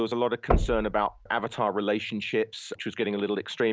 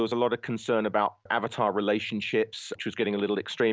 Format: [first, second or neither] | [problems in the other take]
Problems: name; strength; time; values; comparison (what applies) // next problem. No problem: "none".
second | background sound (Knock); 5 dB below the speech